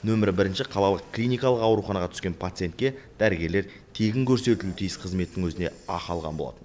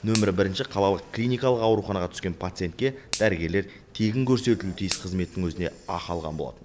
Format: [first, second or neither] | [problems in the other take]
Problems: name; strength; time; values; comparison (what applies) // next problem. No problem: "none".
first | background sound (Finger snapping); 14 dB below the speech